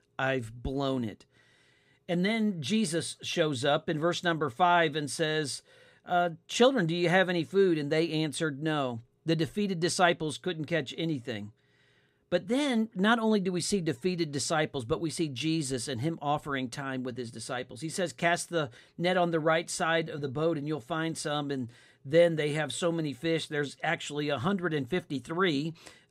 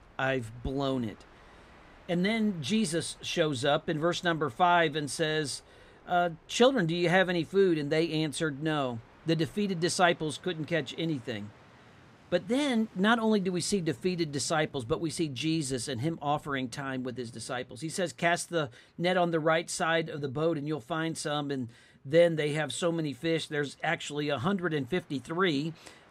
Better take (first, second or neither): first